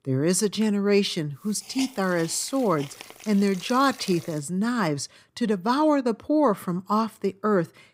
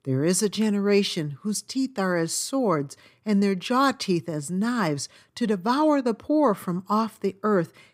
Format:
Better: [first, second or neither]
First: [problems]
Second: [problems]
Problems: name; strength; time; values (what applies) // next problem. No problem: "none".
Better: second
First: hiss; noticeable; from 1.5 to 4.5 s; 15 dB below the speech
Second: none